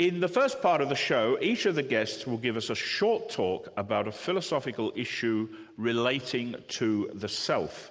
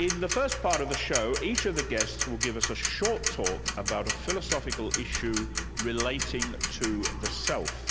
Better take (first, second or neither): first